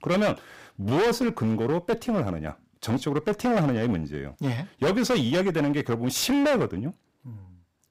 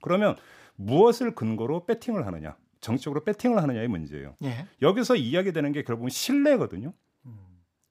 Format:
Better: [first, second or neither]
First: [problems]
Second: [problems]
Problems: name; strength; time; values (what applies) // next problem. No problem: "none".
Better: second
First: distortion; heavy; 18% of the sound clipped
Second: none